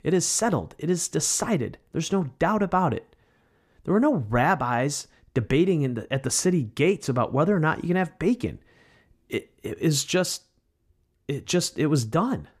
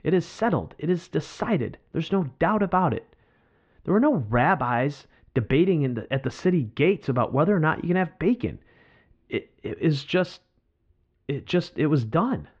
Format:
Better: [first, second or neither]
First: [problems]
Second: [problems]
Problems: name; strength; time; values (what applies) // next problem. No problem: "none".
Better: first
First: none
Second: muffled; very; fading above 3.5 kHz